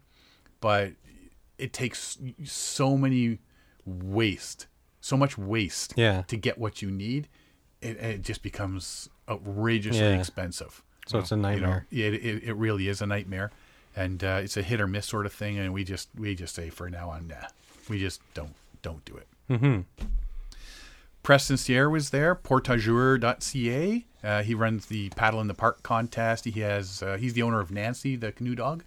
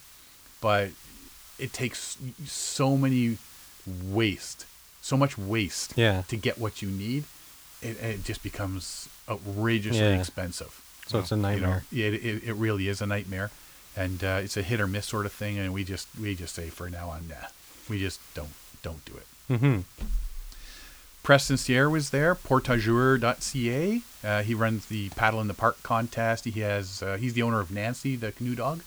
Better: first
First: none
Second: hiss; noticeable; throughout; 20 dB below the speech

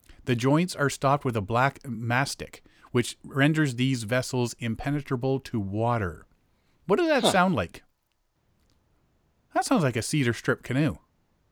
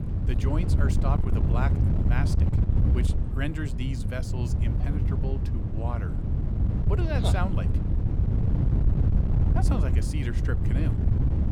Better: first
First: none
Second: wind noise on the microphone; heavy; 2 dB below the speech

